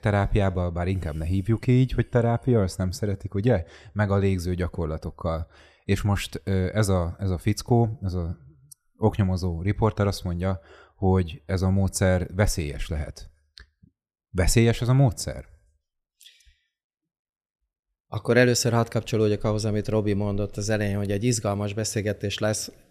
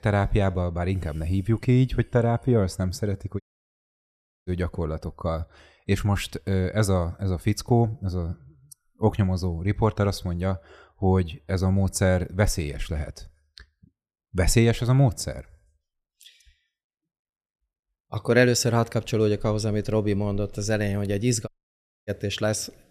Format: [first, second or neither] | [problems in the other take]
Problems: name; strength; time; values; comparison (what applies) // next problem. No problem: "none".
first | audio cutting out; at 3.5 s for 1 s and at 21 s for 0.5 s